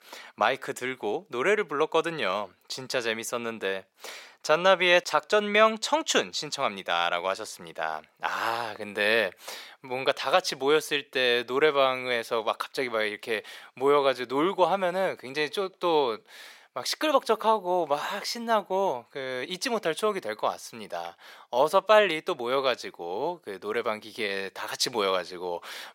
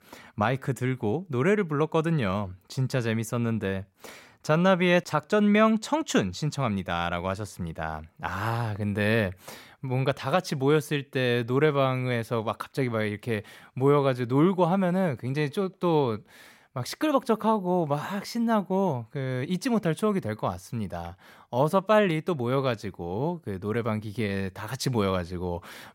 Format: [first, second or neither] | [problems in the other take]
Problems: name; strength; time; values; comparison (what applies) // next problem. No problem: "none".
second | thin; very; fading below 500 Hz